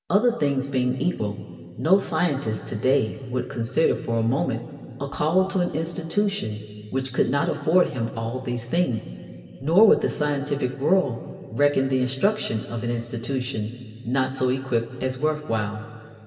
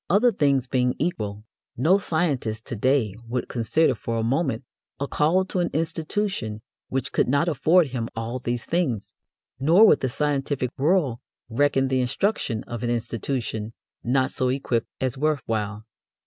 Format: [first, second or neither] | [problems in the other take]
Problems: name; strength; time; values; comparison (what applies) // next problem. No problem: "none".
second | room echo; dies away in 2.3 s